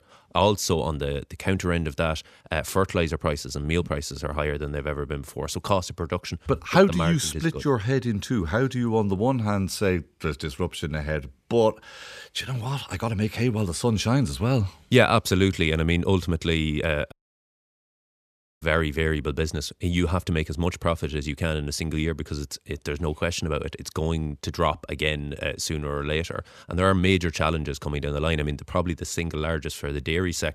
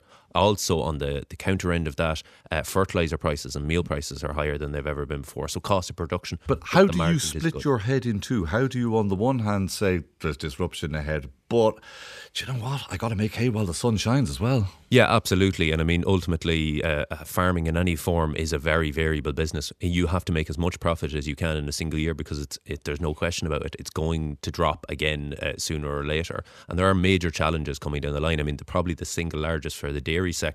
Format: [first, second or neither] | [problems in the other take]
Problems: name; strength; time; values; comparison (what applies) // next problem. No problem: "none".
second | audio cutting out; at 17 s for 1.5 s